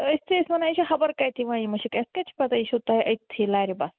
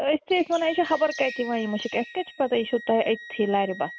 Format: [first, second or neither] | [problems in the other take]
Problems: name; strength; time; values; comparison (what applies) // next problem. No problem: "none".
first | background sound (Wind instrument, woodwind instrument + Chirp, tweet); 16 dB below the speech